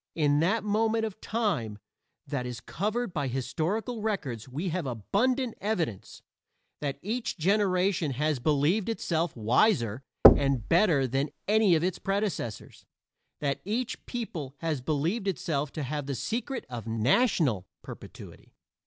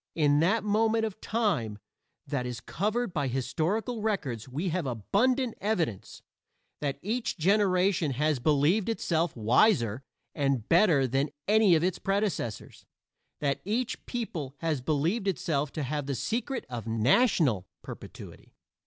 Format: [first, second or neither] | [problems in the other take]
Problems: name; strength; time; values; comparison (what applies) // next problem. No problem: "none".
second | background sound (Knock); 2 dB above the speech